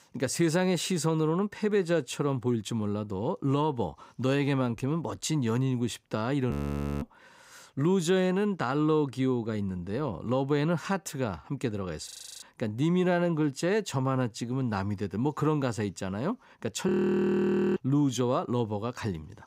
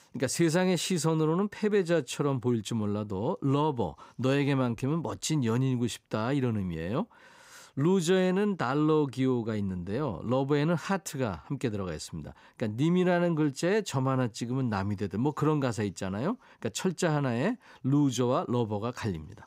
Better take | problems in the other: second | audio freezing; at 6.5 s for 0.5 s, at 12 s and at 17 s for 1 s

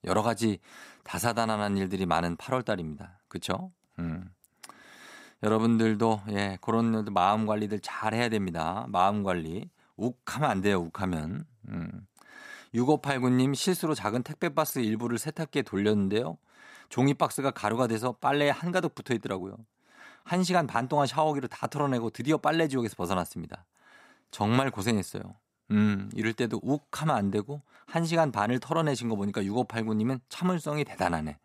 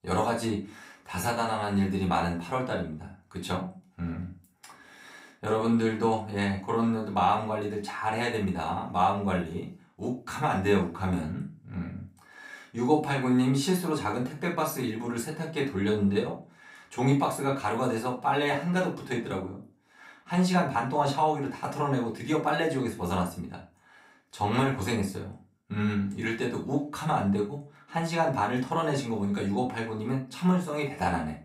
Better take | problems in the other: first | off-mic speech; far // room echo; slight; dies away in 0.3 s

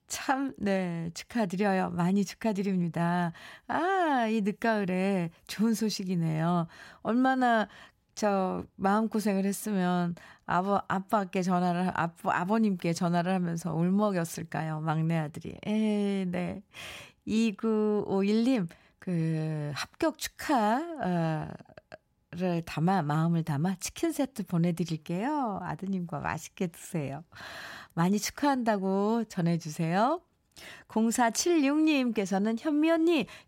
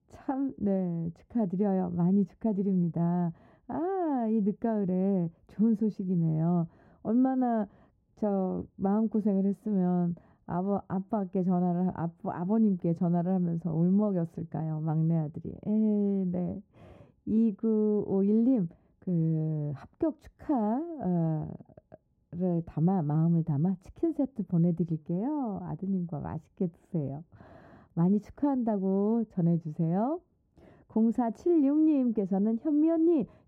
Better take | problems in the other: first | muffled; very; fading above 1 kHz

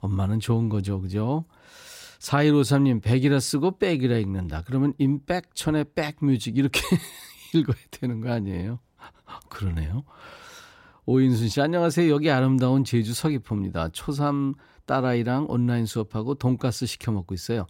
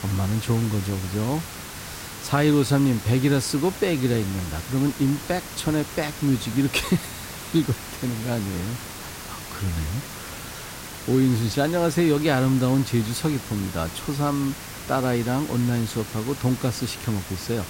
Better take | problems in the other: first | hiss; noticeable; throughout; 10 dB below the speech

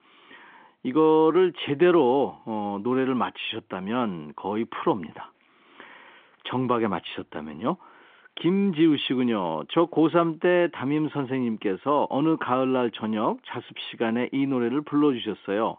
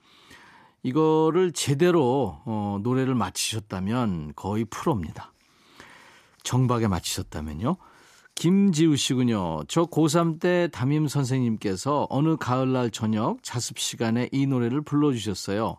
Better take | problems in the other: second | phone-call audio; nothing above 3.5 kHz

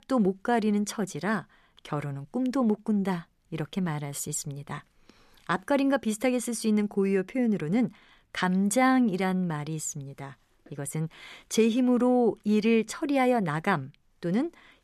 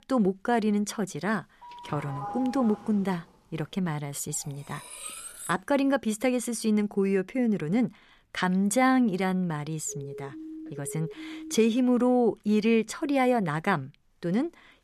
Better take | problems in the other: first | doorbell; noticeable; from 1.5 to 3 s; peak 9 dB below the speech // clattering dishes; faint; from 4.5 to 5.5 s; peak 10 dB below the speech // siren; faint; from 10 to 12 s; peak 15 dB below the speech

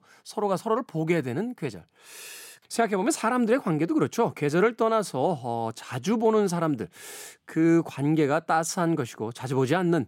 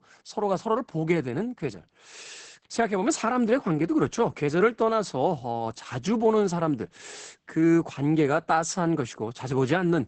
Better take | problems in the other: first | garbled, watery; badly; nothing above 8 kHz

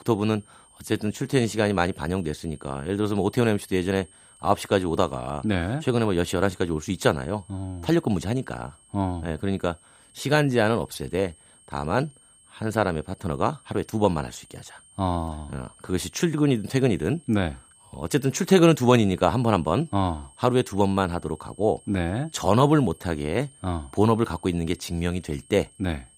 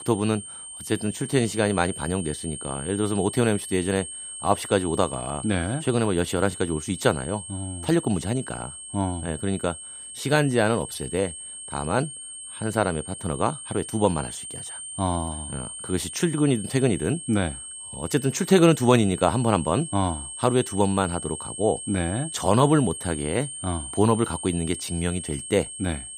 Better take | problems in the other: first | high-pitched whine; loud; throughout; 8.5 kHz, 9 dB below the speech; faint in the first

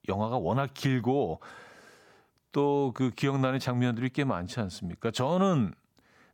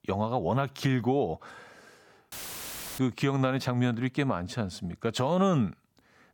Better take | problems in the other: first | audio cutting out; filled with static; at 2.5 s for 0.5 s

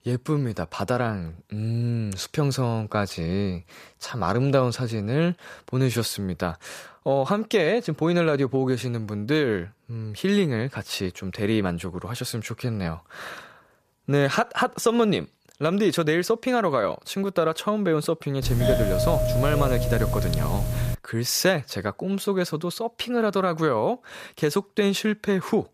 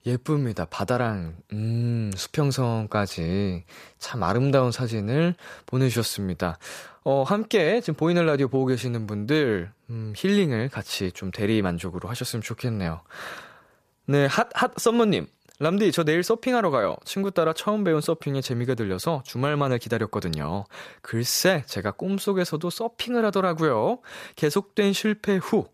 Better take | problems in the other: second | doorbell; loud; from 18 to 21 s; peak 2 dB above the speech

